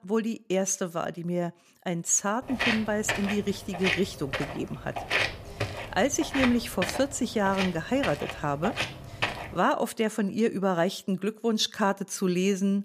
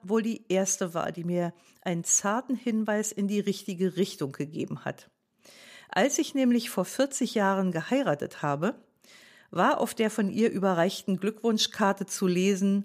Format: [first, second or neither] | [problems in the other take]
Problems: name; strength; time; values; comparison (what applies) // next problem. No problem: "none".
second | footsteps; loud; from 2.5 to 9.5 s; peak 2 dB above the speech